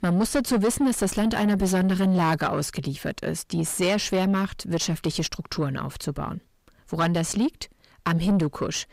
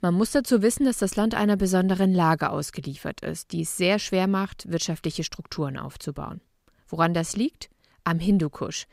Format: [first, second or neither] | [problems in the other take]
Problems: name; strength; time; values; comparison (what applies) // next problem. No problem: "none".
second | distortion; heavy; 7 dB below the speech